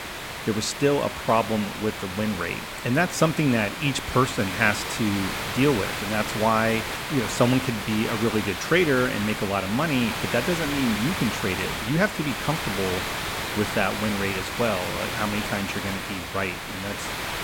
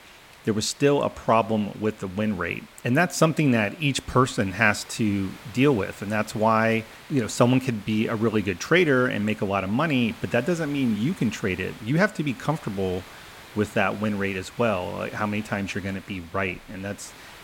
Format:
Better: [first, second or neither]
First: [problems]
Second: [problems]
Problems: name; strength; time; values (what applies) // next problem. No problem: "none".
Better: second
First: hiss; loud; throughout; 4 dB below the speech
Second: hiss; faint; throughout; 20 dB below the speech